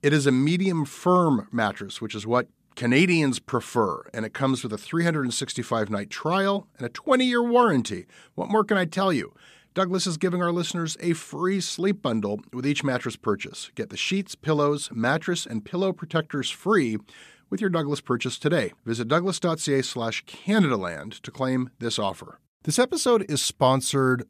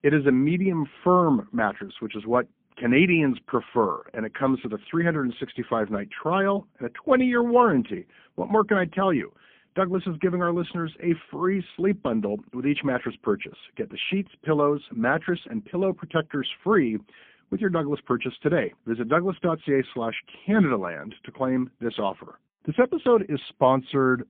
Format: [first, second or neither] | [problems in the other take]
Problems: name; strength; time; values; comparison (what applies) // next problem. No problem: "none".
first | phone-call audio; poor line; nothing above 3 kHz